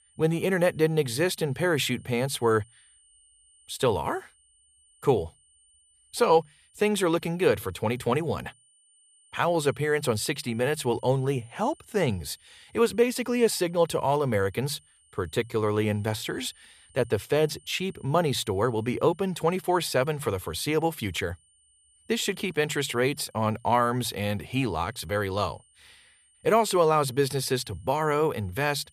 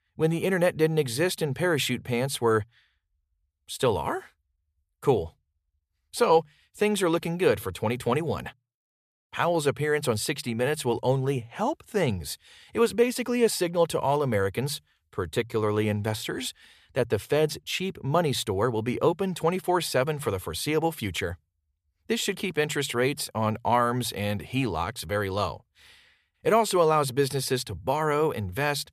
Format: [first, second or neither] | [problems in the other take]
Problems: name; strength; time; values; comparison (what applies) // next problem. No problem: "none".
second | high-pitched whine; faint; throughout; 9 kHz, 30 dB below the speech